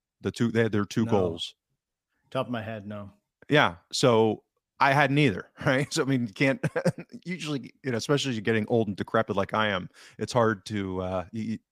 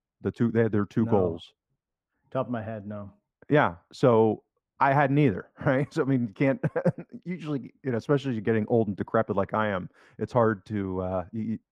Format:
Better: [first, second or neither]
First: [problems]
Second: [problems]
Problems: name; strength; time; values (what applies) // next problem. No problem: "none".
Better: first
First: none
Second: muffled; very; fading above 2.5 kHz